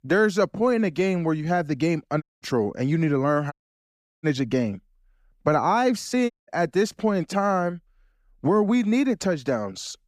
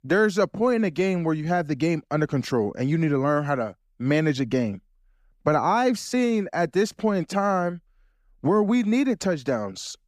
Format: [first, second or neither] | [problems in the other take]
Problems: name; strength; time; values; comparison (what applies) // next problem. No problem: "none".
second | audio cutting out; at 2 s, at 3.5 s for 0.5 s and at 6.5 s